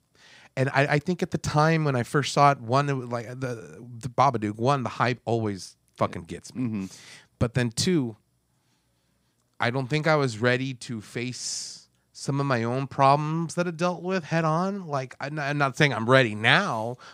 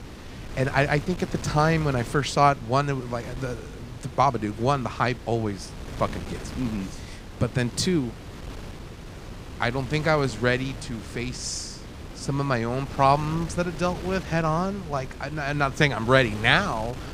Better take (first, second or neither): first